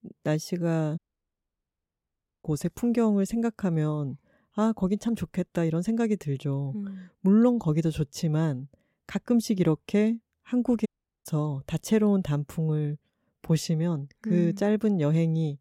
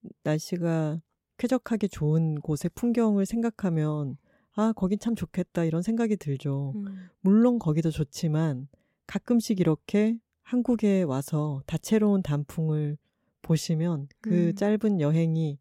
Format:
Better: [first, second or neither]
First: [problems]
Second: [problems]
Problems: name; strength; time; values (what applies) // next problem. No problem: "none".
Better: second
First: audio cutting out; at 1 s for 1.5 s and at 11 s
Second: none